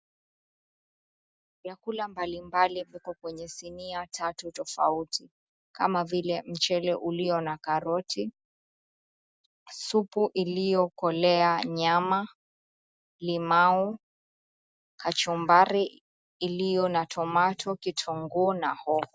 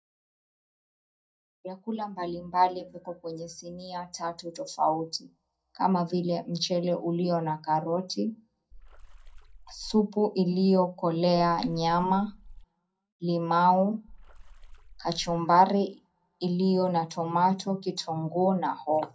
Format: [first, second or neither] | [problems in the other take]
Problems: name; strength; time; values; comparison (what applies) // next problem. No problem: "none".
first | background sound (Water / Splash, splatter); 18 dB below the speech // room echo; dies away in 0.2 s